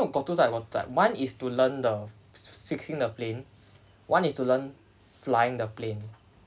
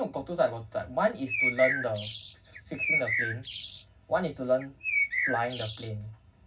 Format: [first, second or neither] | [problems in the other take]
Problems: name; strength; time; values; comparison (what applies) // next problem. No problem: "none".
first | background sound (Bird); as loud as the speech // room echo; dies away in 0.4 s